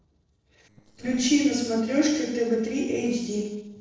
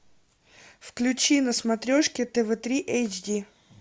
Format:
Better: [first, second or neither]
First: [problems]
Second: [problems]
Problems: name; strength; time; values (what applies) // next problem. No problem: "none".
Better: second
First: noise reduction (neural separator model SepFormer DNS4)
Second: none